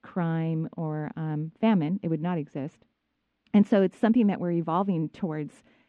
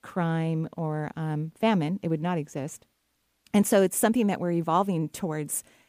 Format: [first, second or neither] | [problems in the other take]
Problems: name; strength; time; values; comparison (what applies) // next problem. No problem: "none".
second | muffled; very; fading above 3.5 kHz